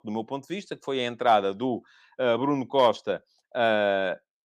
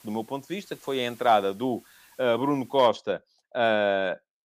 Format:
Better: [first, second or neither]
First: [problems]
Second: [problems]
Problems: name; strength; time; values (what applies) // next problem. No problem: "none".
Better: first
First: none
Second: hiss; faint; until 3 s; 25 dB below the speech